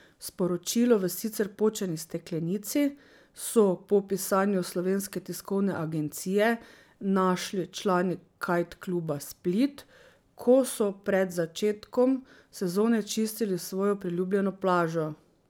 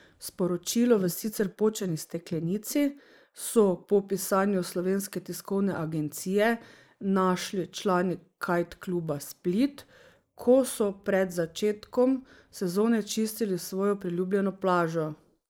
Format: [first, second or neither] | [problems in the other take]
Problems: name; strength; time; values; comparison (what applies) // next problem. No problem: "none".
first | noise reduction (neural mask model Resemble Enhance denoiser)